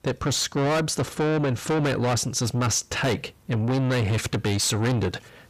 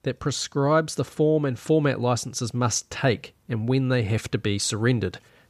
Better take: second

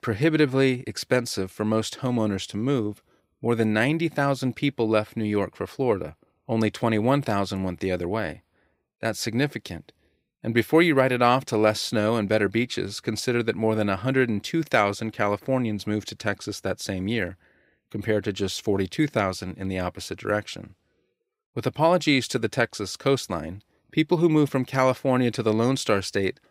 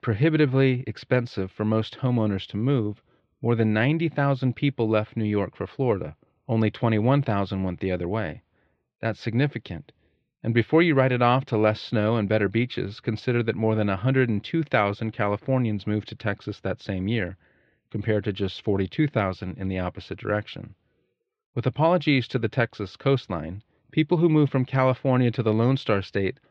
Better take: first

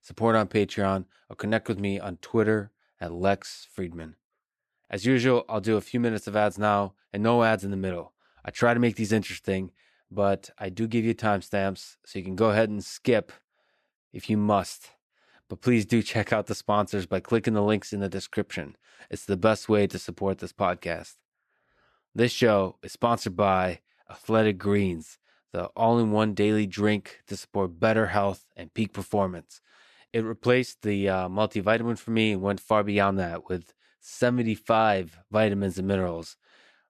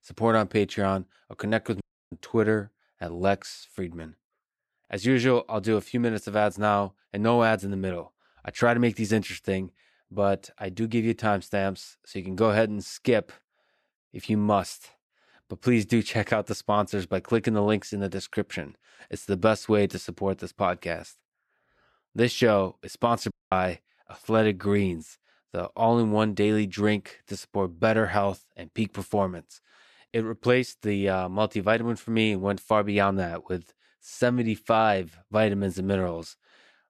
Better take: first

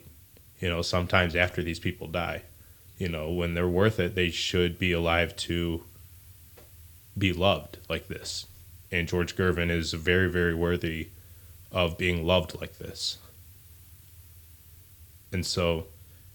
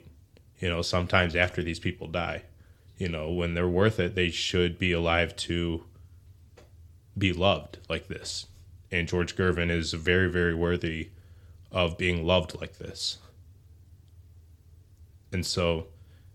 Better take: second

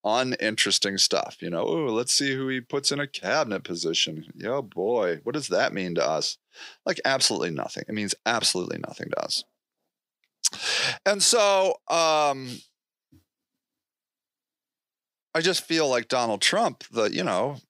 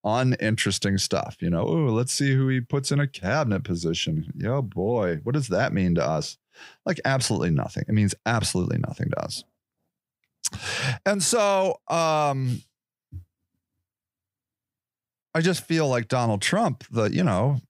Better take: second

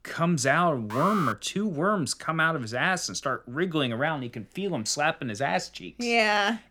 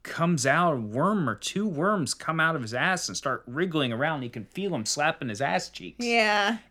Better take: second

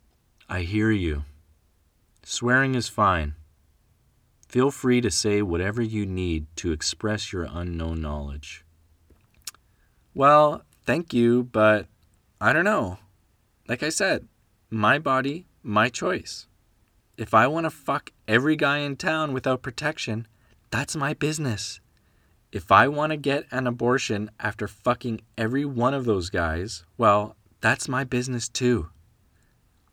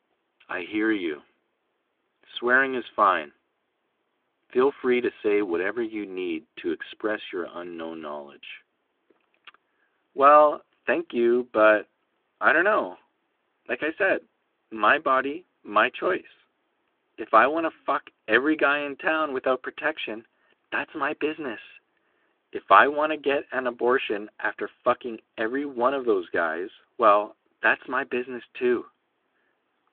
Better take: first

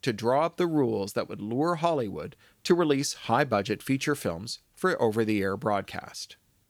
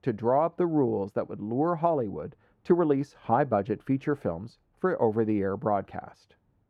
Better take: first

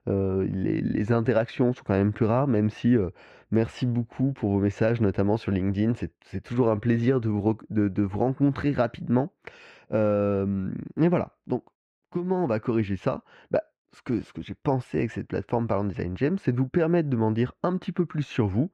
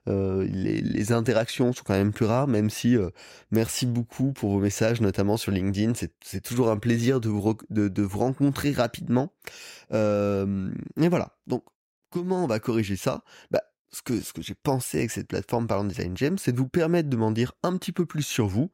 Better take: second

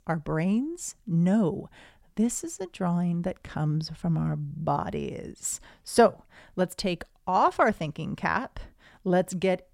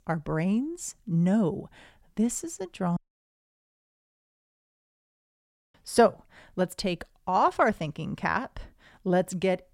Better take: first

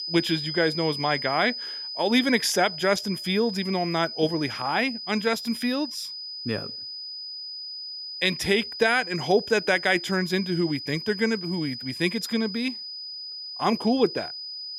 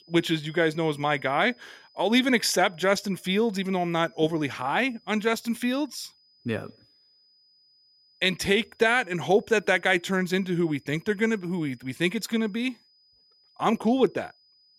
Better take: second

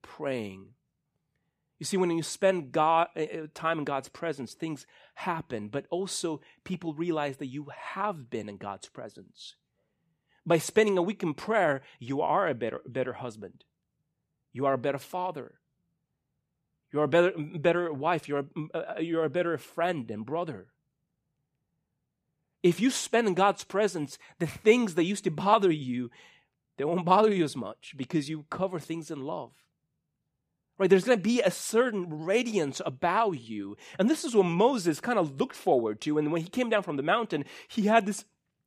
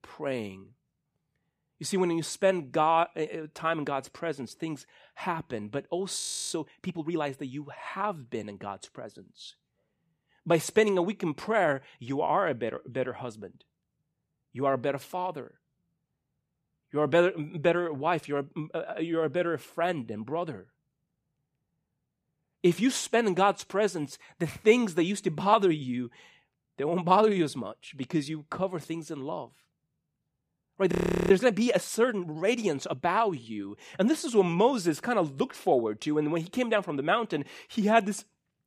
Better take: first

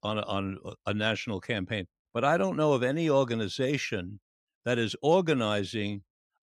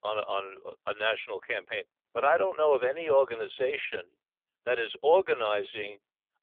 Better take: first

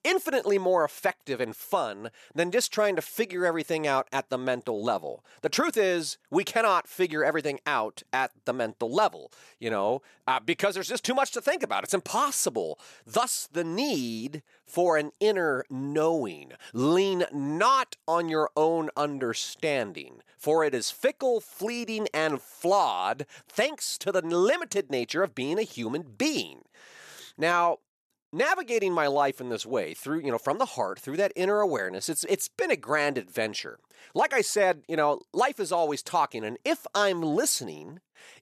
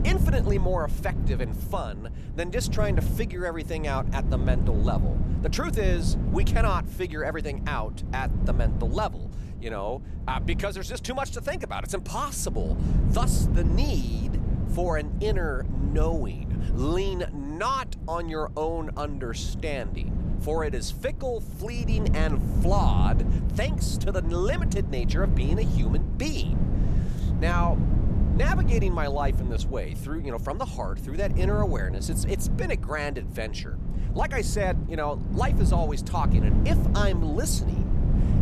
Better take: first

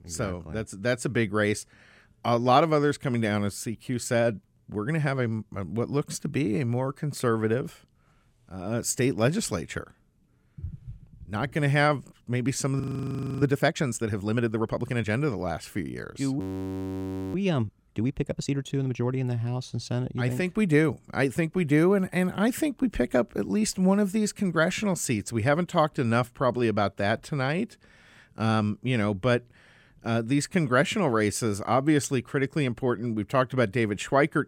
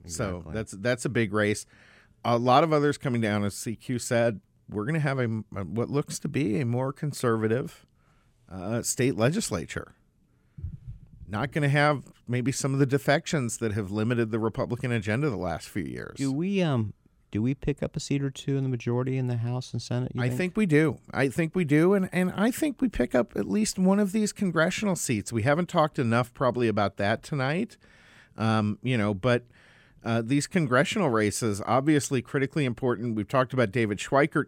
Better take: second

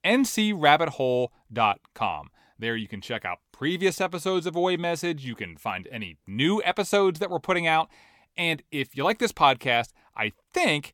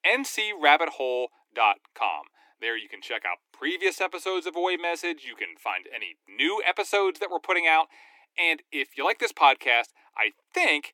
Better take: first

